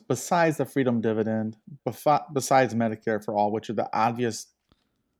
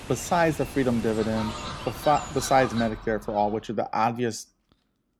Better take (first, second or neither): first